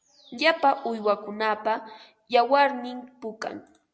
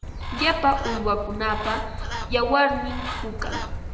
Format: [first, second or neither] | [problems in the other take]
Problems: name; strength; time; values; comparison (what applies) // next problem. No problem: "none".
first | background sound (Bird); 5 dB below the speech // room echo; dies away in 1.8 s